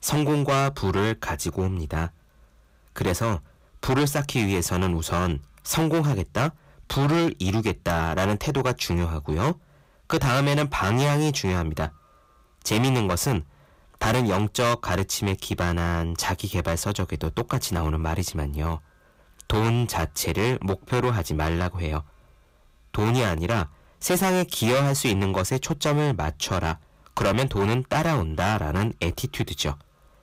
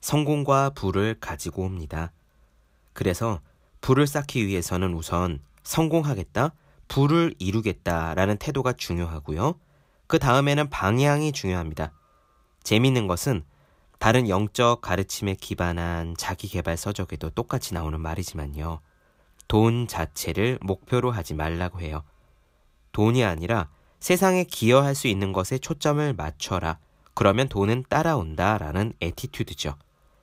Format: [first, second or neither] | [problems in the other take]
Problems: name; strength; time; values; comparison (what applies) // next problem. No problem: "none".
second | distortion; heavy; 13% of the sound clipped